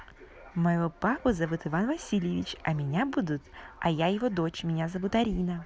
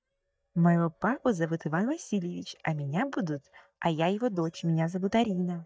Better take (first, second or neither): first